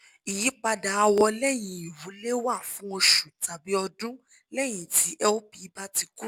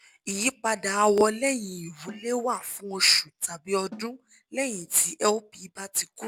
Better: first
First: none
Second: background sound (Snare drum); 18 dB below the speech

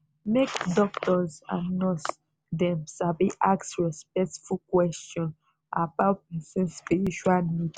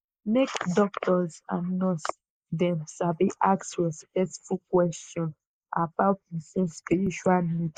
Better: first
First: none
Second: noise reduction (neural mask model Resemble Enhance denoiser)

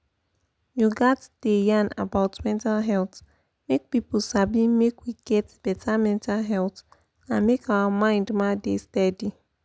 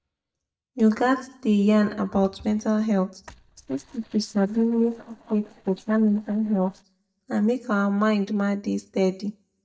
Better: first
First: none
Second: noise reduction (neural mask model DeepFilterNet 3)

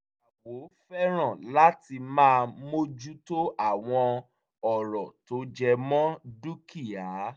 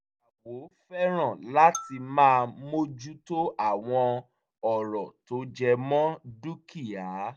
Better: first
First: none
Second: background sound (Marimba, xylophone); 18 dB below the speech

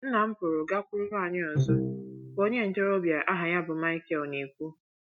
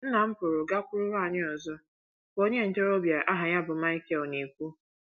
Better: second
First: noise reduction (neural mask model RNNoise)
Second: none

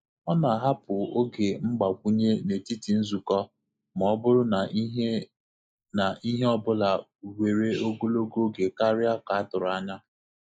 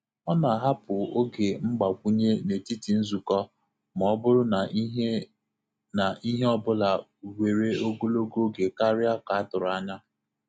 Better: second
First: noise reduction (neural mask model Resemble Enhance denoiser)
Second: none

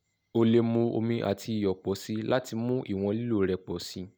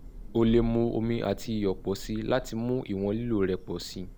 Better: first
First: none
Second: background sound (Thunder / Rain); 12 dB below the speech

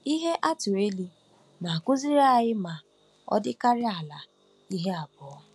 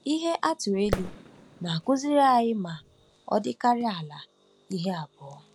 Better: first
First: none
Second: background sound (Fireworks); 11 dB below the speech

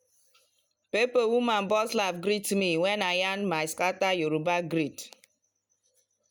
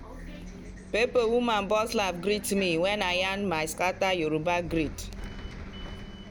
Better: first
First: none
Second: background sound (Bus); 12 dB below the speech

